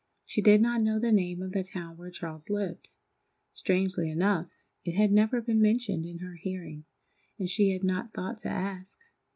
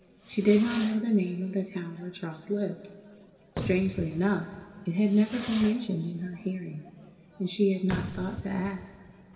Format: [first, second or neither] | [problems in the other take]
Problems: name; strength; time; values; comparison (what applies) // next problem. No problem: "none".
first | background sound (Fireworks); 13 dB below the speech // room echo; dies away in 2.8 s